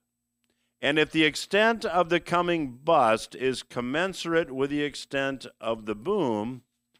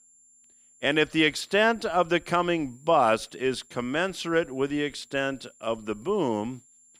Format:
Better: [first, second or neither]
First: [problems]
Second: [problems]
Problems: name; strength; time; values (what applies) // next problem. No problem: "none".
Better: first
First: none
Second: high-pitched whine; faint; throughout; 7.5 kHz, 30 dB below the speech